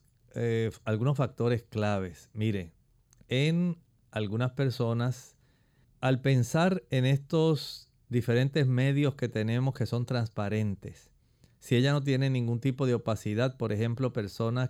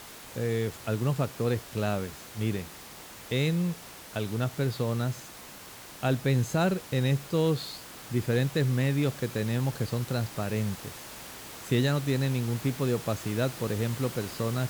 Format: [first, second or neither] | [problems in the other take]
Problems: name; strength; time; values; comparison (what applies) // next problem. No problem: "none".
first | hiss; noticeable; throughout; 15 dB below the speech